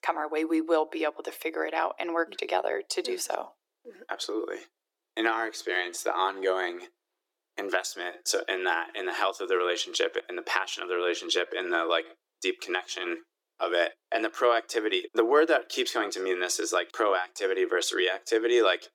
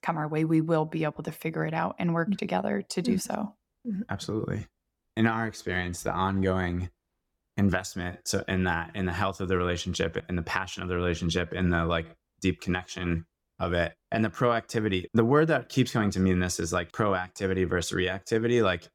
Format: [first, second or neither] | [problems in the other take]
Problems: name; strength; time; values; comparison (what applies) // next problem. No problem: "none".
second | thin; very; fading below 350 Hz